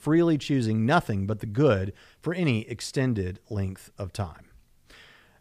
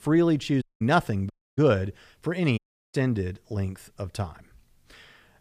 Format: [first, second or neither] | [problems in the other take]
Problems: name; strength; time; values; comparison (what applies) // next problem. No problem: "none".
first | audio cutting out; at 0.5 s, at 1.5 s and at 2.5 s